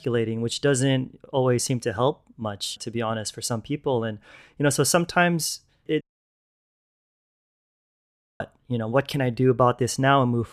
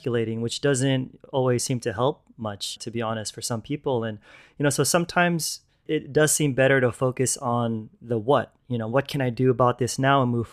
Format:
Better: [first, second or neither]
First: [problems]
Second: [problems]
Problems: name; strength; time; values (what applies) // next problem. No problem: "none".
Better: second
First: audio cutting out; at 6 s for 2.5 s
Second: none